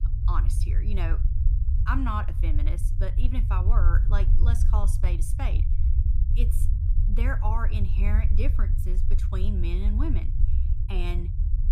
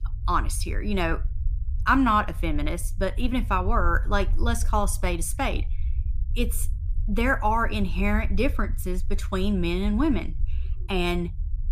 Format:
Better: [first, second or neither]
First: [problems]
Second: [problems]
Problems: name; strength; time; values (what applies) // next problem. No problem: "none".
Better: second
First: low rumble; loud; throughout; 8 dB below the speech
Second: low rumble; faint; throughout; 25 dB below the speech